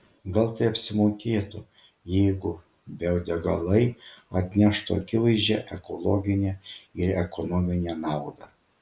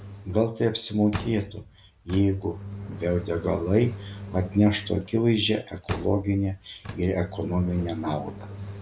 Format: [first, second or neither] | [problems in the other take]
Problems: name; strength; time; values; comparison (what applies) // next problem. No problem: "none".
first | background sound (Engine); 12 dB below the speech